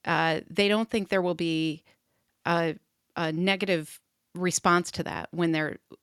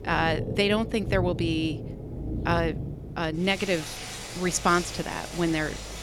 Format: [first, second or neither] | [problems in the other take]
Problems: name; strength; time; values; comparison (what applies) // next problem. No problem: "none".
first | rain or running water; loud; throughout; 7 dB below the speech